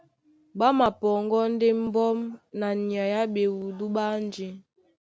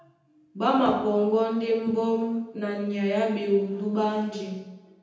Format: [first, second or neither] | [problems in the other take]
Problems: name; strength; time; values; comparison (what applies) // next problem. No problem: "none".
first | room echo; dies away in 0.9 s